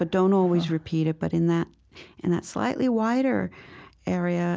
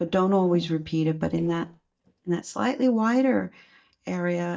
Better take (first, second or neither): first